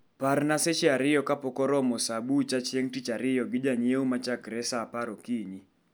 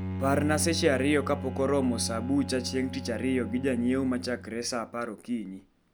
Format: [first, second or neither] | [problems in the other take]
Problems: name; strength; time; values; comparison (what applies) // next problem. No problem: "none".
first | background sound (Bowed string instrument); 8 dB below the speech